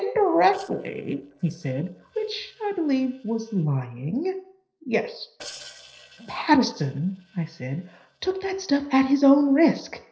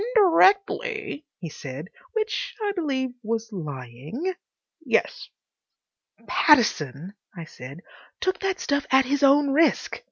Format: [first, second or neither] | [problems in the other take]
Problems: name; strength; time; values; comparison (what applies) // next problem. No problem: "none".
second | noise reduction (neural separator model SepFormer DNS4)